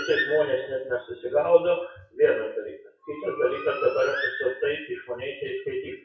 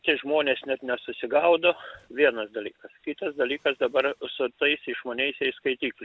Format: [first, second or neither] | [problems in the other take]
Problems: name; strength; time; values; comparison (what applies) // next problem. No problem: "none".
second | noise reduction (classical method WPE with log-MMSE)